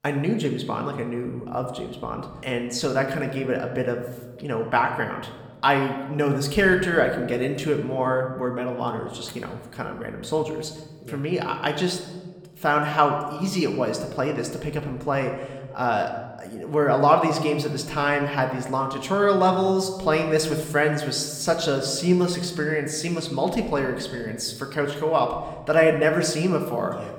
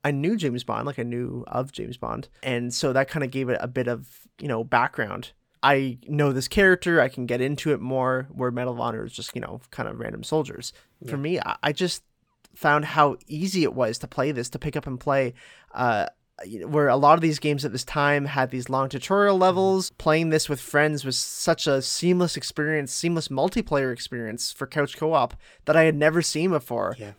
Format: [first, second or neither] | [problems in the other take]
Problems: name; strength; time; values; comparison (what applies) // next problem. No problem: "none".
second | room echo; slight; dies away in 1 s